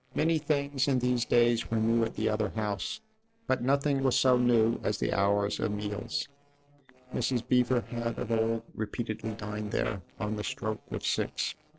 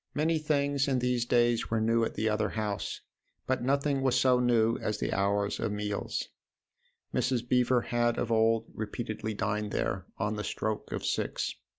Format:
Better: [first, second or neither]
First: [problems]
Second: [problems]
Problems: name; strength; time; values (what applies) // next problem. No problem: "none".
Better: second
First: noise reduction (neural separator model SepFormer DNS4)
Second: none